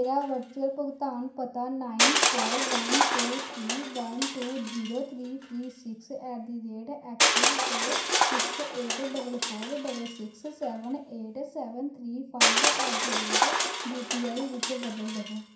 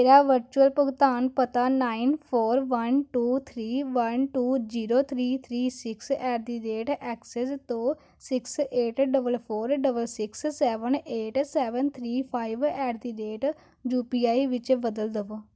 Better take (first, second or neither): second